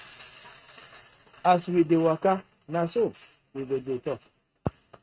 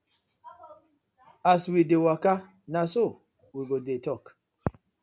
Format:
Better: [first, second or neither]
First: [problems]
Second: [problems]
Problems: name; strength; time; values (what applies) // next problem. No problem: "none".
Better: second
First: noise reduction (neural mask model RNNoise)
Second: none